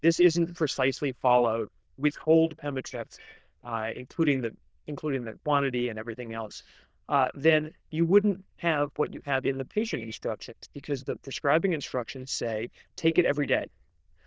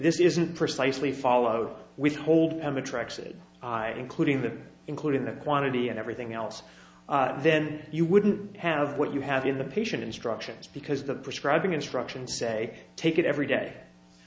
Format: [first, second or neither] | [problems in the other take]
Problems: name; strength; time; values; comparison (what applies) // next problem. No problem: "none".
second | noise reduction (neural diffusion model UNIVERSE++)